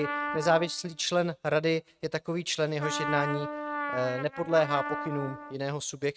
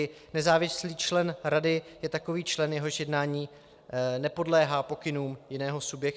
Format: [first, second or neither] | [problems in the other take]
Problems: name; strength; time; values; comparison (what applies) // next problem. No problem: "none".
second | noise reduction (neural mask model RNNoise)